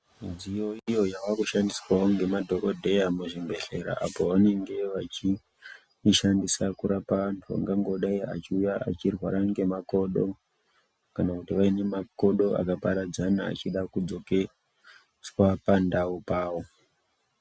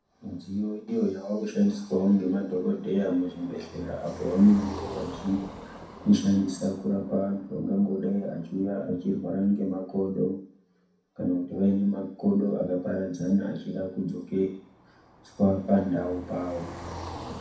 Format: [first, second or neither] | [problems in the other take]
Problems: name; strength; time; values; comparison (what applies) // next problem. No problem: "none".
first | background sound (Car passing by); 18 dB below the speech // room echo; dies away in 0.6 s